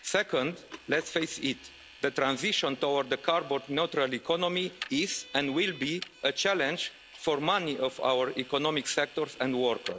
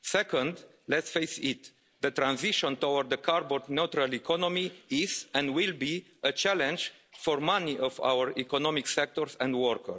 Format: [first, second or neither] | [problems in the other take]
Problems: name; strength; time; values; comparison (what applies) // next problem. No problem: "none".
second | background sound (Vehicle); 19 dB below the speech